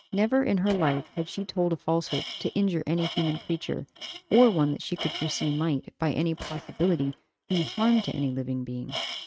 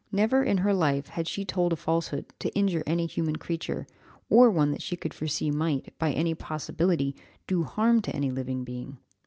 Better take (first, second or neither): second